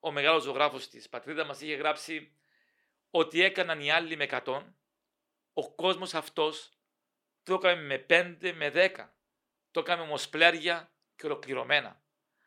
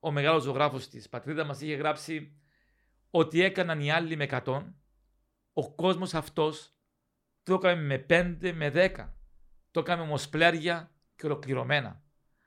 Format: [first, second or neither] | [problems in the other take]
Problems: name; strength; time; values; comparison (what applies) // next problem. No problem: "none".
second | thin; somewhat; fading below 350 Hz